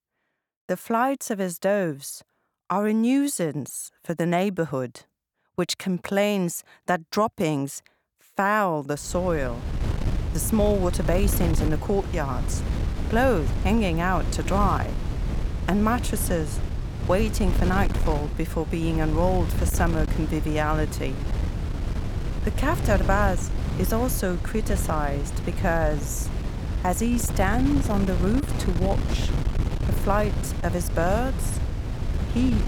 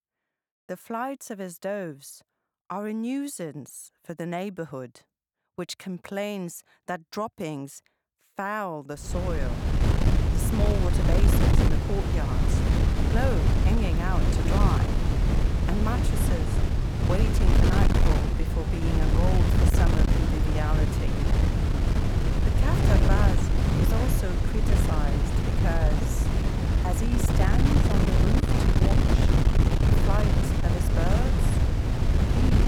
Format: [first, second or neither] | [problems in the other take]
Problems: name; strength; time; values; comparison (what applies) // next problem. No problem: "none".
first | wind noise on the microphone; heavy; from 9 s on; 2 dB above the speech; occasional gusts in the first